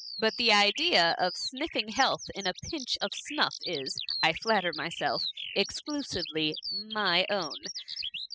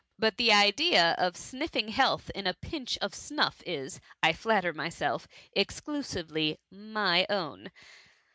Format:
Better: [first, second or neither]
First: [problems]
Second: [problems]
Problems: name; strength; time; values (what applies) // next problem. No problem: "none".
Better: second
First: noise reduction (classical method spectral subtraction)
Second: none